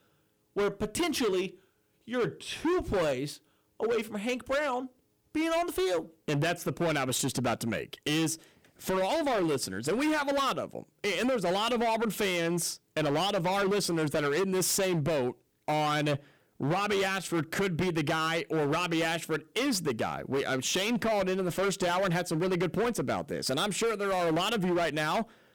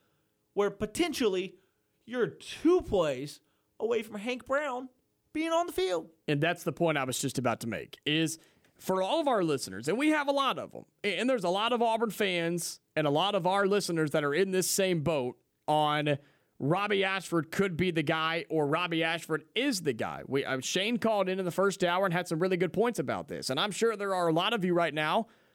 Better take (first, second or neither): second